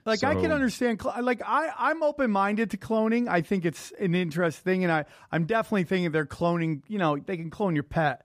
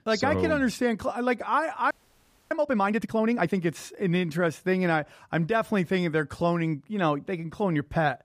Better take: first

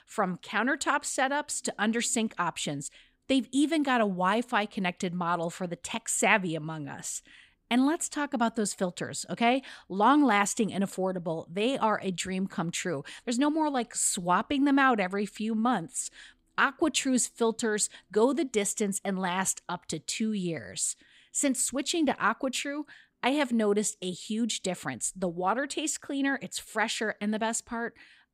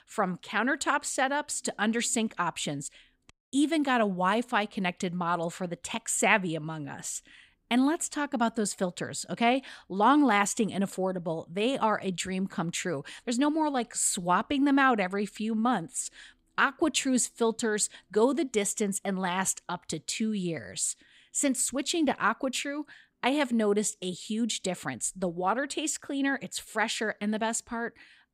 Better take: first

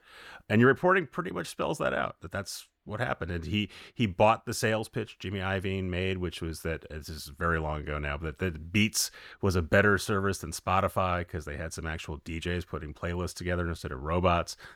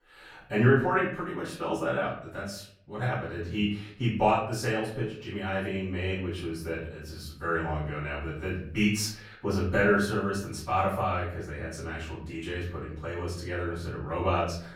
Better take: first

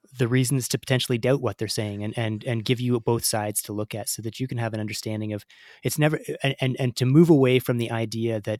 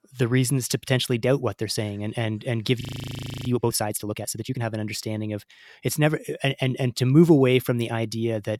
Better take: first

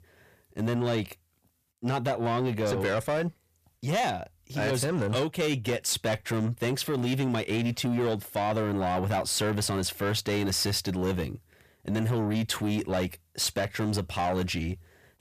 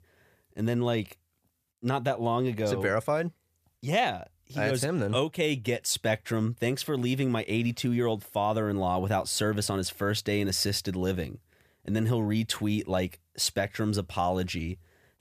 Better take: second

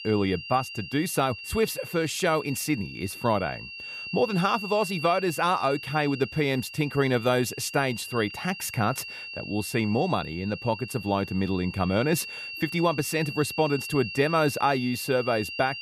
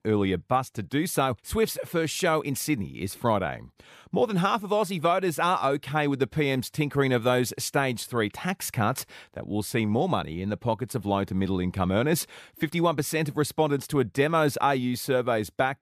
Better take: second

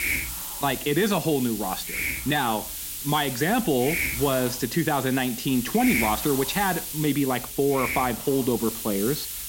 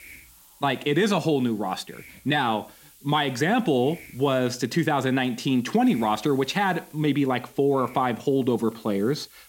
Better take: second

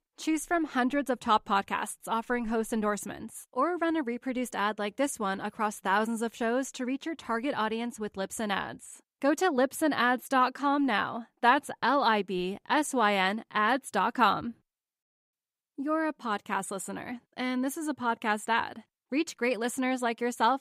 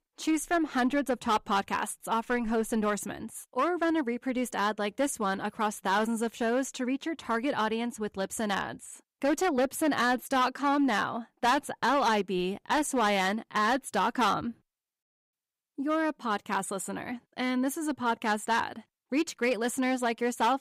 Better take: first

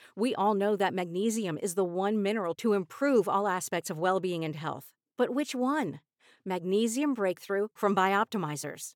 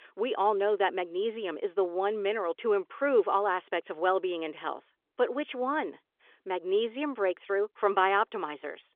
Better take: first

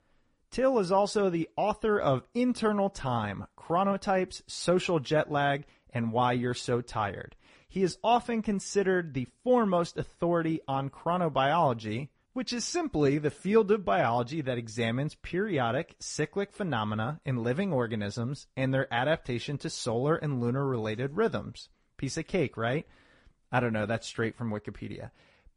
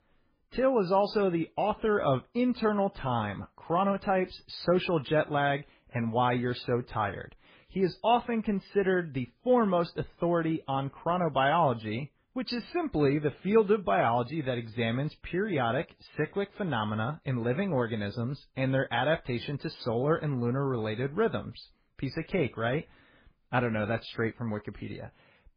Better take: first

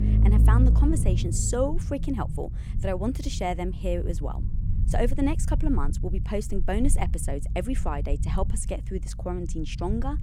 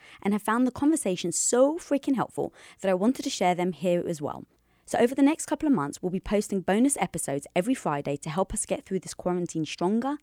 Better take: second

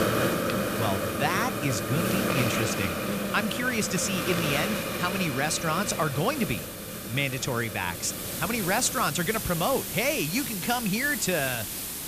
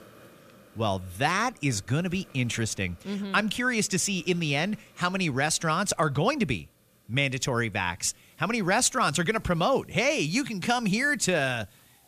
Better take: second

